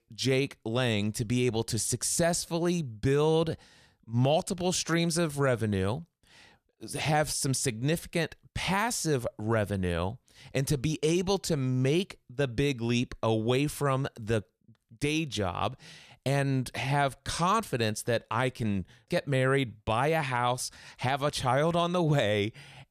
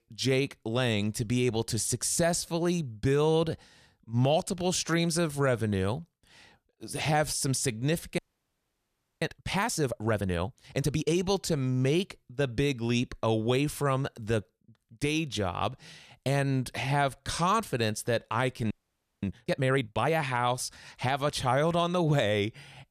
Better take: first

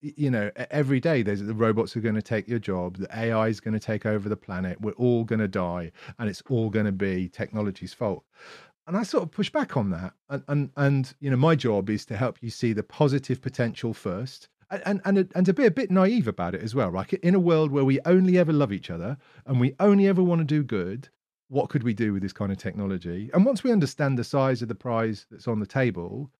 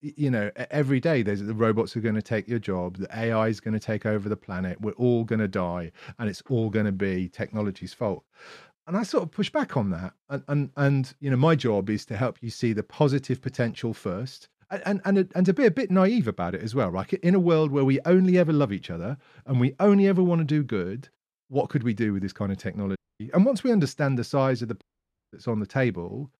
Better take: first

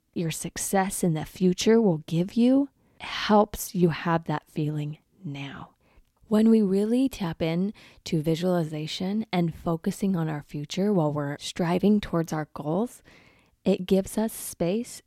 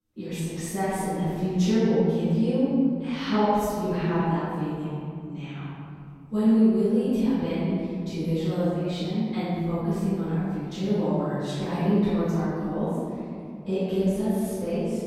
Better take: first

